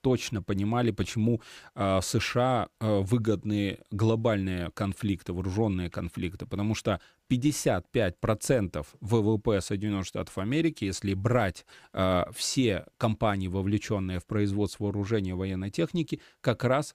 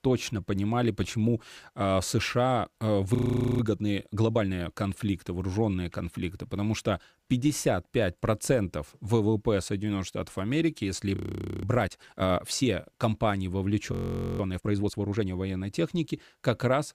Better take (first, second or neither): first